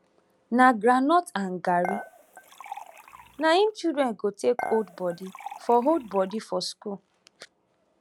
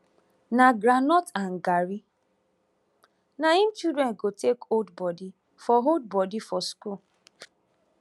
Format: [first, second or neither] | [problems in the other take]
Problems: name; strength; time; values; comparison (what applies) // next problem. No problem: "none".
second | background sound (Dishes, pots, and pans / Chink, clink); 13 dB below the speech